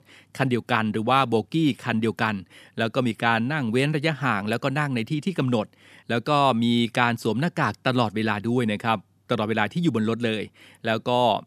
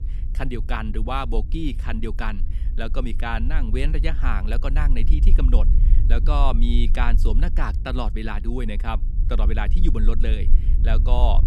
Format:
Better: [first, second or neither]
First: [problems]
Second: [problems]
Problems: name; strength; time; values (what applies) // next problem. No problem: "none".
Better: first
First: none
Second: low rumble; noticeable; throughout; 15 dB below the speech